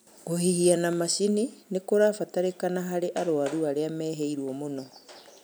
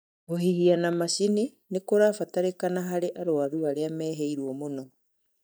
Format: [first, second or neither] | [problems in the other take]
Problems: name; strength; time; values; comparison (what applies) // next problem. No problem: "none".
first | noise reduction (neural mask model DeepFilterNet 3)